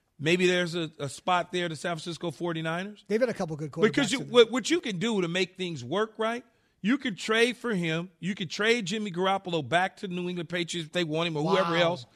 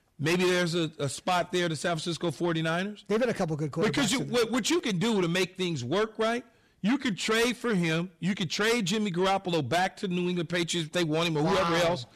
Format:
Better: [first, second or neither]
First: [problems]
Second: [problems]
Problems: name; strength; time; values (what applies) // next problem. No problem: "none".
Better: first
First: none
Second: distortion; heavy; 6 dB below the speech